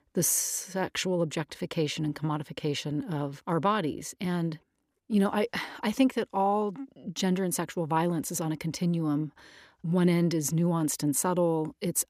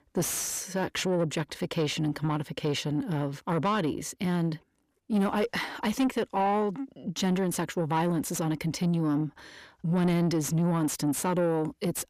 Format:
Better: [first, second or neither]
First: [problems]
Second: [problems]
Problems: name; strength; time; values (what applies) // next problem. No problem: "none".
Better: first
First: none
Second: distortion; slight; 10 dB below the speech